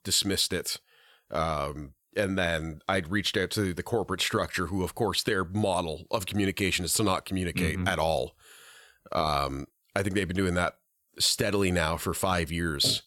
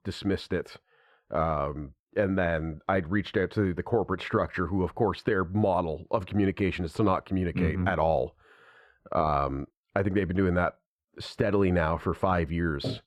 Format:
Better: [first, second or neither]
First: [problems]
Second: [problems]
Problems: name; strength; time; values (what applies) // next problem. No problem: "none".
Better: first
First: none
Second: muffled; very; fading above 3.5 kHz